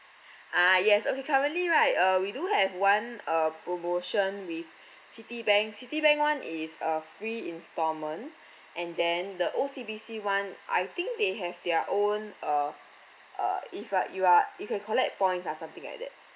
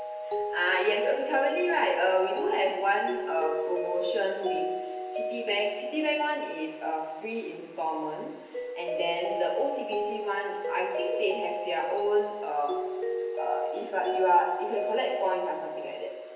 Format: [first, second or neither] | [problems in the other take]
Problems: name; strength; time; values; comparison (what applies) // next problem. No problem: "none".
first | background sound (Mallet percussion); 4 dB below the speech // room echo; dies away in 1 s